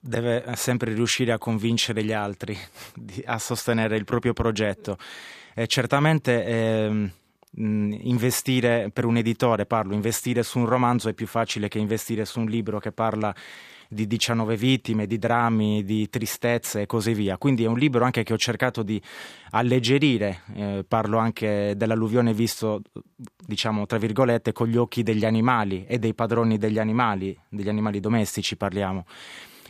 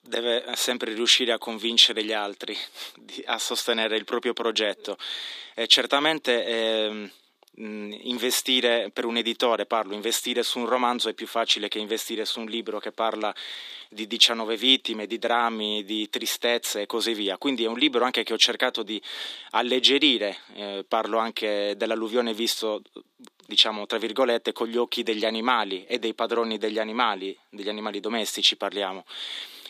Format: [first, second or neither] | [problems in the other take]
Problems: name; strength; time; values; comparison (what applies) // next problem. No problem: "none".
first | thin; somewhat; fading below 300 Hz